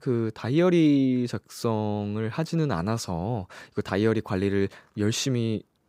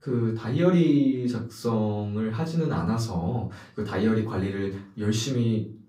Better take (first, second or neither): first